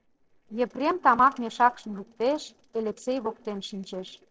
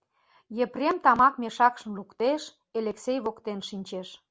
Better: second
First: noise reduction (neural separator model SepFormer DNS4)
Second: none

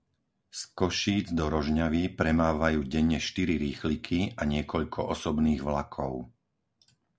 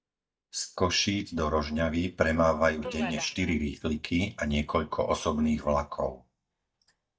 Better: first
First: none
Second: noise reduction (neural mask model DeepFilterNet 3)

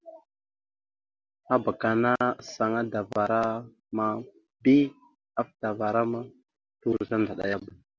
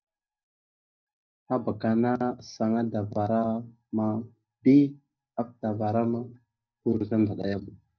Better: first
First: none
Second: noise reduction (neural mask model DeepFilterNet 3)

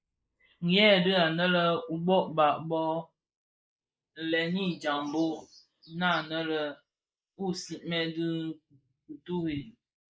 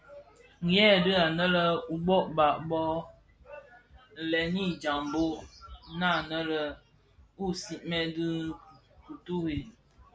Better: second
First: noise reduction (neural mask model Resemble Enhance denoiser)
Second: none

